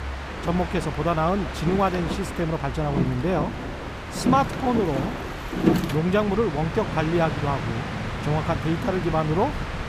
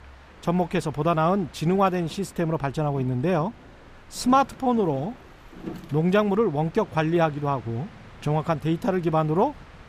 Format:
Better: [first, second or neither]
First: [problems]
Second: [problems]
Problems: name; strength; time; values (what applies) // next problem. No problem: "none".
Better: second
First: train or aircraft noise; loud; throughout; 4 dB below the speech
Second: train or aircraft noise; faint; throughout; 20 dB below the speech